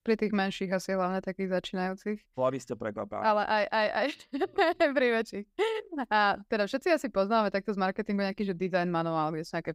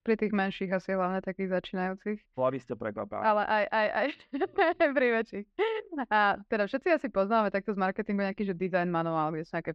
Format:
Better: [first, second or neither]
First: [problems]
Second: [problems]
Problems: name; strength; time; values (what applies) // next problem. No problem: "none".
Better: first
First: none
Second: muffled; slightly; fading above 2.5 kHz